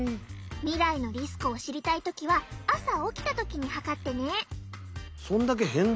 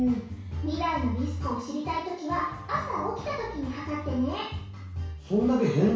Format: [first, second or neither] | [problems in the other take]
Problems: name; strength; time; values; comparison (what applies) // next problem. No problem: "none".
first | room echo; dies away in 0.6 s